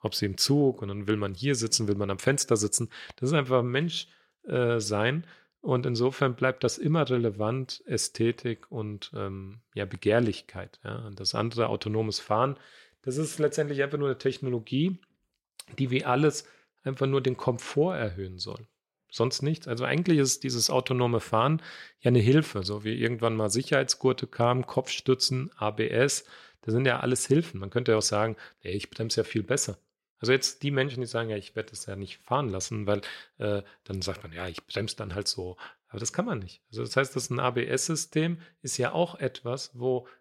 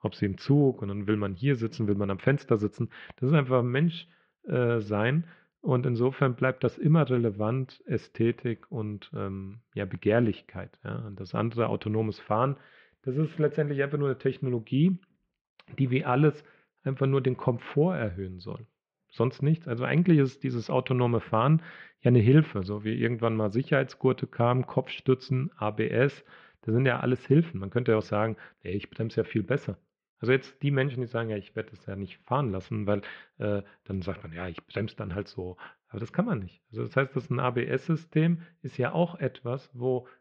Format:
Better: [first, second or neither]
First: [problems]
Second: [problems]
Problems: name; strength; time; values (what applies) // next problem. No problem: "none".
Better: first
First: none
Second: muffled; very; fading above 3 kHz